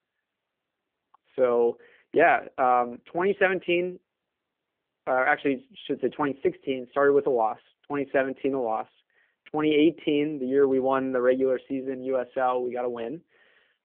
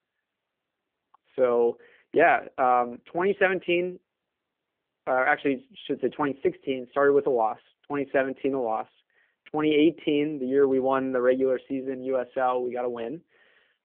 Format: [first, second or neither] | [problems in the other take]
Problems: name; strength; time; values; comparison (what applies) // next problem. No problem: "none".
neither | phone-call audio; nothing above 3.5 kHz; the same in both